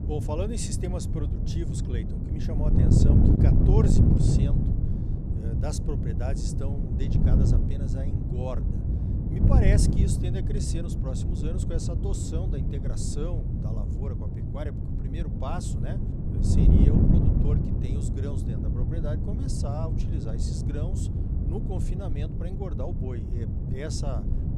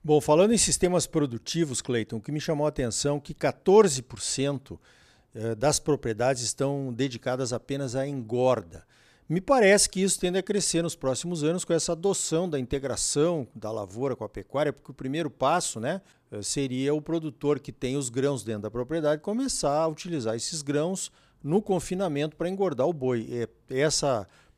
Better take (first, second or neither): second